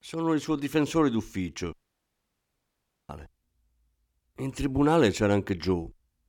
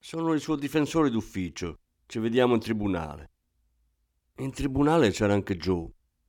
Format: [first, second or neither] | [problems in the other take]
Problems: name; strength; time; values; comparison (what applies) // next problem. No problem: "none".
second | audio cutting out; at 1.5 s for 1.5 s